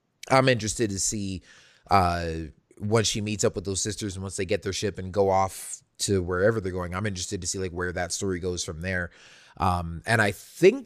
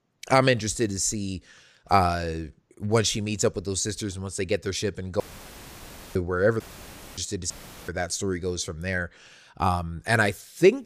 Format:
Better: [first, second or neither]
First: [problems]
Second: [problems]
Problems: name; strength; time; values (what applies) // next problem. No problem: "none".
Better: first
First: none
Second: audio cutting out; filled with static; at 5 s for 1 s, at 6.5 s for 0.5 s and at 7.5 s